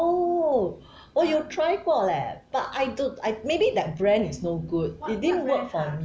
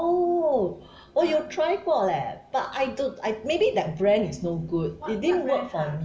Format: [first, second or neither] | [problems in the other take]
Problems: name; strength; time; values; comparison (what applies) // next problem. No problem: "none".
first | room echo; dies away in 0.7 s